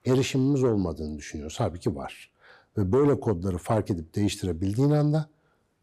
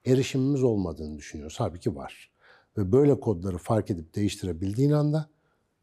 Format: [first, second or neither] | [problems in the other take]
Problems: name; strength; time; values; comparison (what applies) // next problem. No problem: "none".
second | distortion; slight; 10 dB below the speech